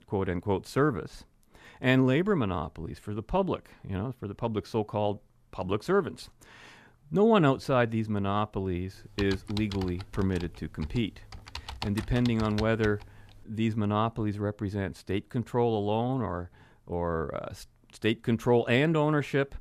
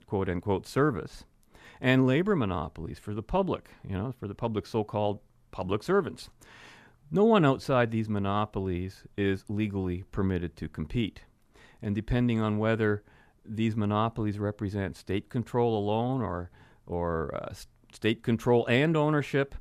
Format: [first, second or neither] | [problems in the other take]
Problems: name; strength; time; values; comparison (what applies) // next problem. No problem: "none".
second | keyboard typing; noticeable; from 9 to 13 s; peak 9 dB below the speech